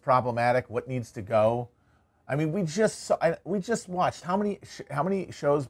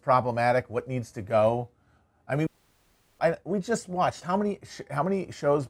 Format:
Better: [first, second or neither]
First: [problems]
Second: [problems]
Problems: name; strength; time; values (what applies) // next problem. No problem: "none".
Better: first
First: none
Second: audio cutting out; at 2.5 s for 0.5 s